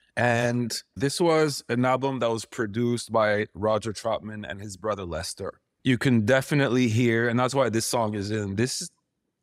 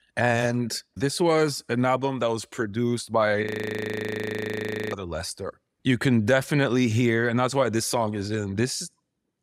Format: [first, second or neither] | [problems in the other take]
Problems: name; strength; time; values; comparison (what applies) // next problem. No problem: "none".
first | audio freezing; at 3.5 s for 1.5 s